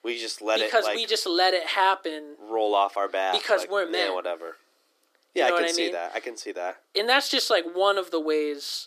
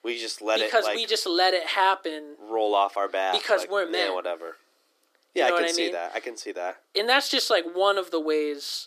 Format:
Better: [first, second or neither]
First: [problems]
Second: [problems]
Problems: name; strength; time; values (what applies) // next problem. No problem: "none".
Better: neither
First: thin; very; fading below 300 Hz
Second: thin; very; fading below 300 Hz